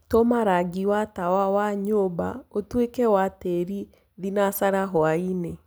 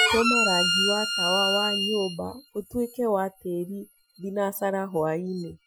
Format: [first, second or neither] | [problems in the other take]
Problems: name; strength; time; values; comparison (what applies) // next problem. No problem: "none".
first | noise reduction (classical method Wiener filter)